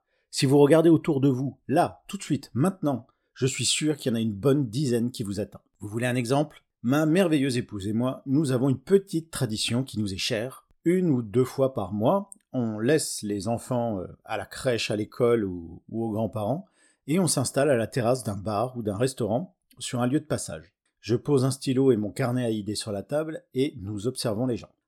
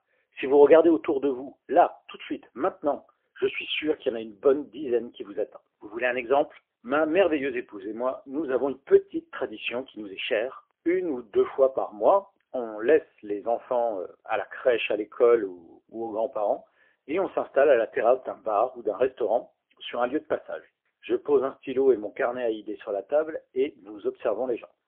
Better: first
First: none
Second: phone-call audio; poor line; nothing above 3.5 kHz

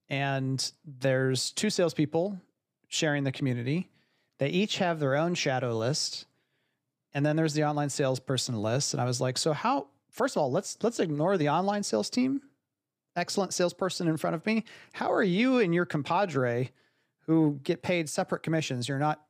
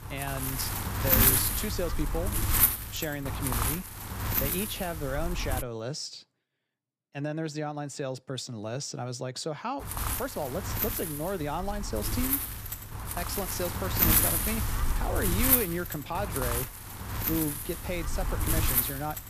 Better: first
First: none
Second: wind noise on the microphone; heavy; until 5.5 s and from 10 s on; 2 dB above the speech

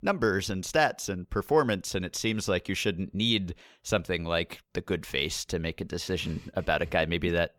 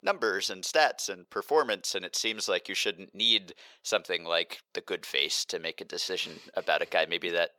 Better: first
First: none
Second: thin; very; fading below 500 Hz

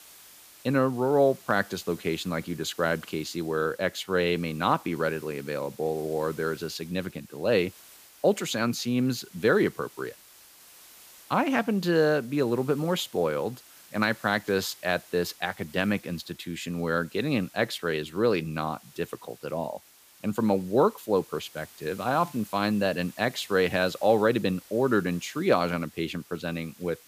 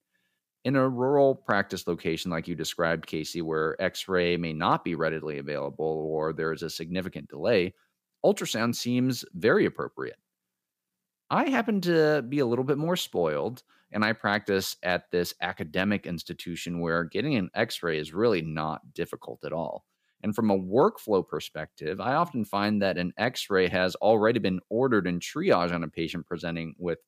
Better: second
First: hiss; faint; throughout; 20 dB below the speech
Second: none

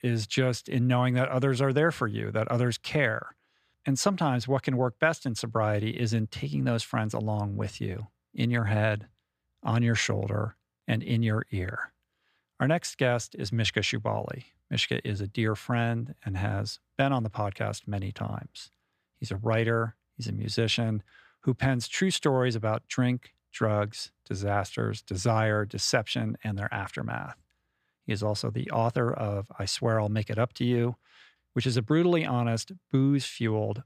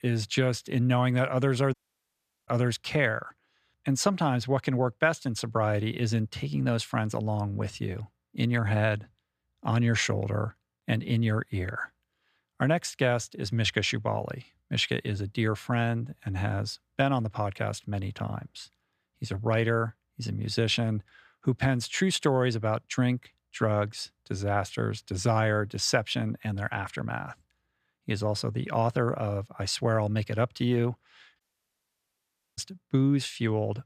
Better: first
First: none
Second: audio cutting out; at 1.5 s for 0.5 s and at 31 s for 1 s

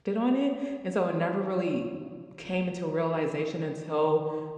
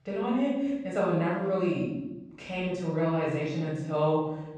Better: first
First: room echo; slight; dies away in 1.3 s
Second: room echo; strong; dies away in 0.9 s // off-mic speech; far

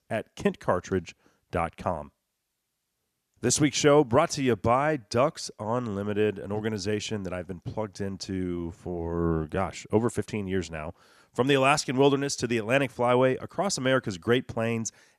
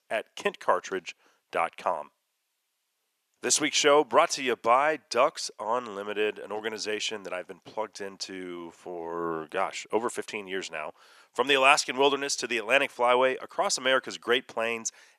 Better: first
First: none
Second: thin; somewhat; fading below 500 Hz

